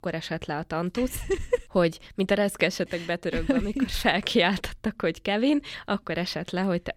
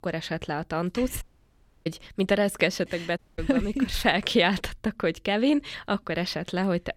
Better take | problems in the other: first | audio cutting out; at 1 s for 0.5 s and at 3 s

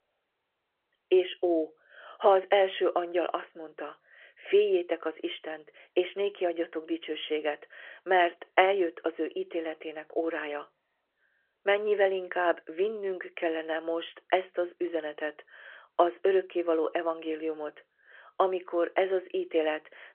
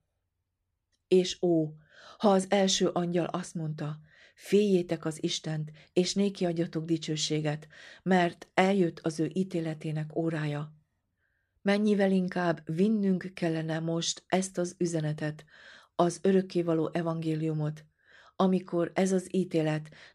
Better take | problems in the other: second | phone-call audio; nothing above 3.5 kHz

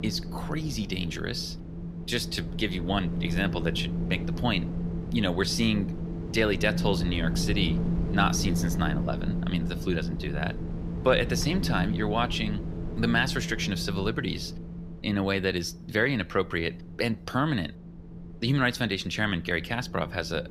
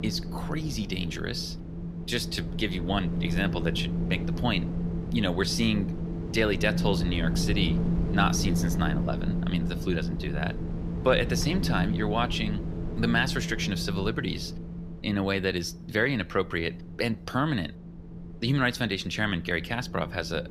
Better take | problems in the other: first | wind noise on the microphone; heavy; 10 dB below the speech; occasional gusts in the first

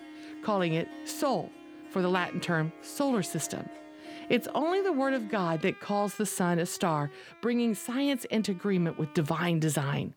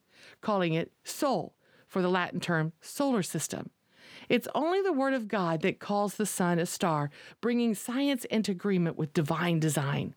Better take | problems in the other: second | background music; noticeable; throughout; 15 dB below the speech

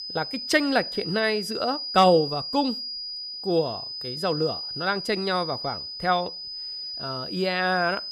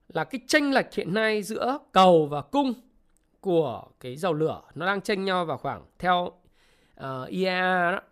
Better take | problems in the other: second | high-pitched whine; loud; throughout; 5 kHz, 6 dB below the speech

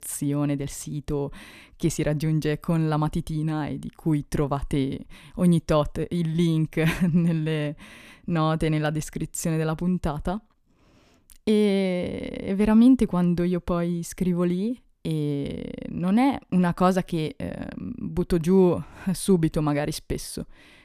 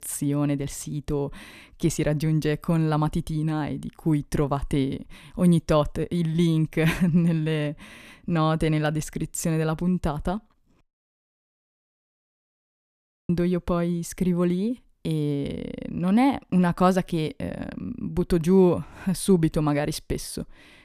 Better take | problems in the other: first | audio cutting out; at 11 s for 2.5 s

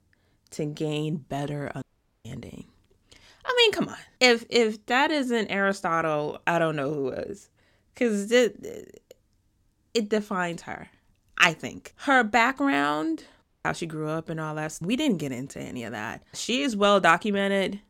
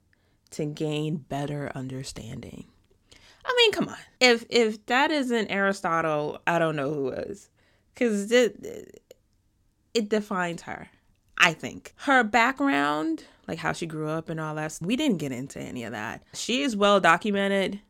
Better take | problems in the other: second | audio cutting out; at 2 s and at 13 s

